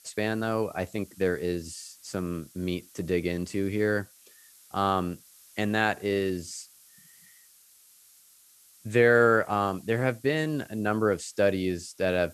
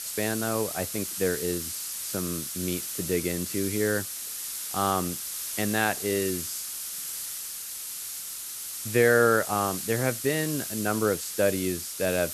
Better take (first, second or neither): first